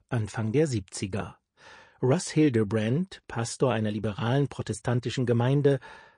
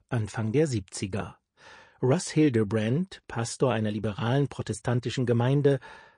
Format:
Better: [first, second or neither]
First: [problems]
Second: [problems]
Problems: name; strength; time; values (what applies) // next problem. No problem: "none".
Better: neither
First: garbled, watery; slightly; nothing above 8.5 kHz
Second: garbled, watery; slightly; nothing above 8.5 kHz